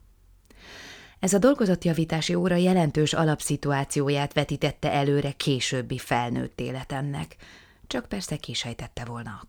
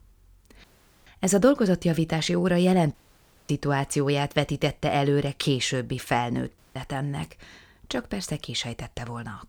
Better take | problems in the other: first | audio cutting out; at 0.5 s, at 3 s for 0.5 s and at 6.5 s

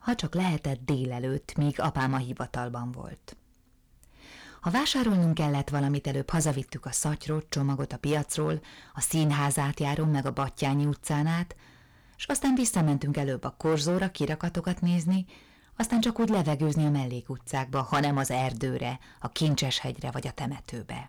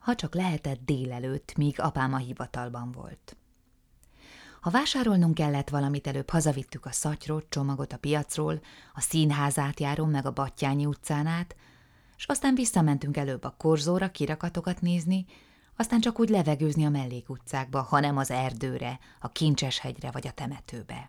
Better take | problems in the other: second | distortion; slight; 7% of the sound clipped

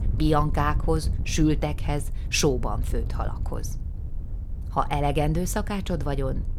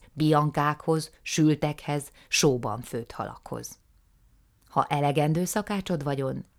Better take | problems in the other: second | wind noise on the microphone; occasional gusts; 20 dB below the speech

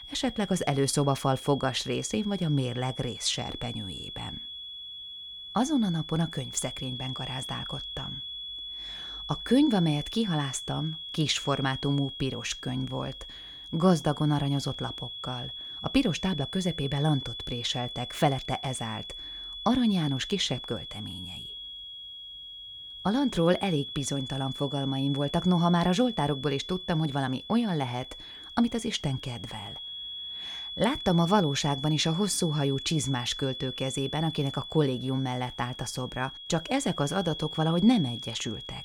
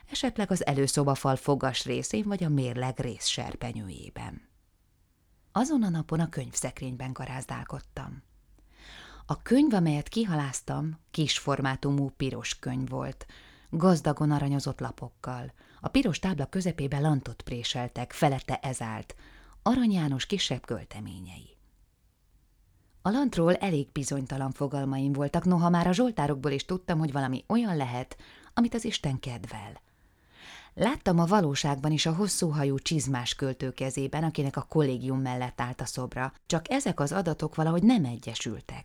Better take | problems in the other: second | high-pitched whine; loud; throughout; 3.5 kHz, 9 dB below the speech

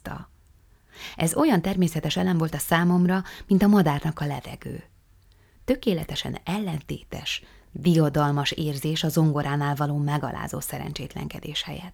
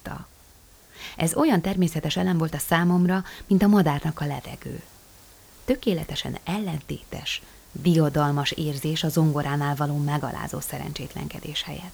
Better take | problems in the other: first | hiss; faint; throughout; 25 dB below the speech

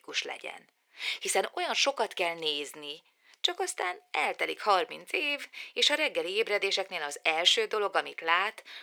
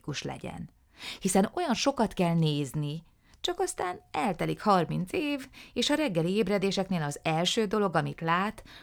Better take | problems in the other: second | thin; very; fading below 400 Hz

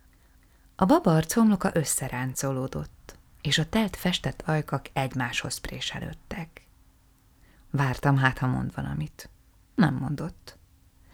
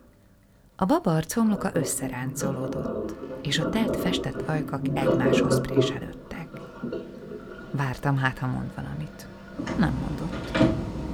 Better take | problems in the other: first | household noises; very loud; throughout; as loud as the speech

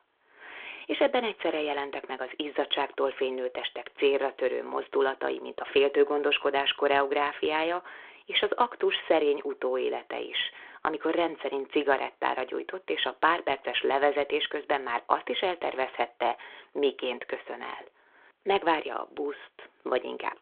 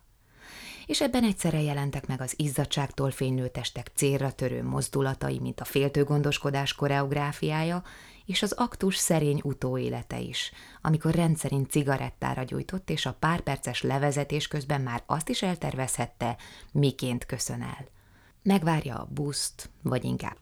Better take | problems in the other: second | phone-call audio; nothing above 3.5 kHz

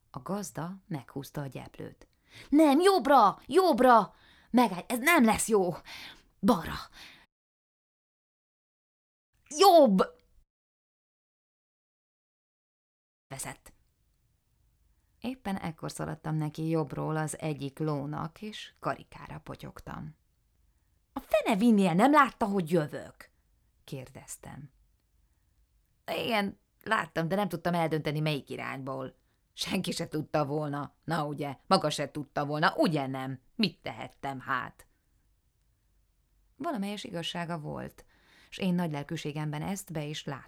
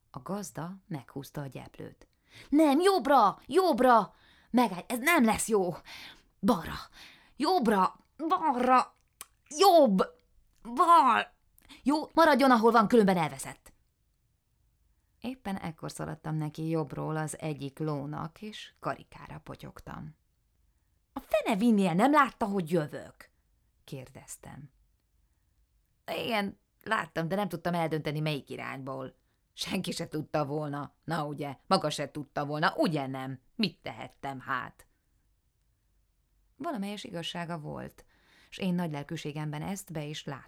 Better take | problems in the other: second | audio cutting out; at 7.5 s for 2 s and at 10 s for 3 s

